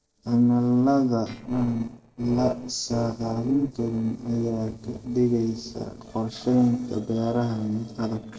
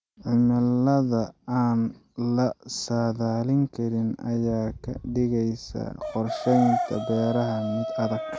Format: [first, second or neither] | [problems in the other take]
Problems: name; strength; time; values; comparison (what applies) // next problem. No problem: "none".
second | noise reduction (neural separator model SepFormer DNS4)